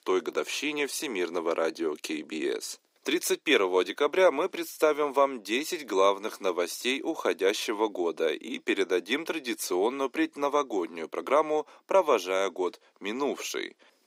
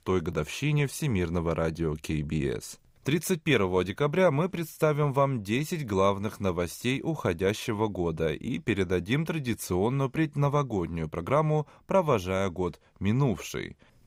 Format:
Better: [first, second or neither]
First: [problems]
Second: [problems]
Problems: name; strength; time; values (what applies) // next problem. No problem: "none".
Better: second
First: thin; somewhat; fading below 300 Hz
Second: none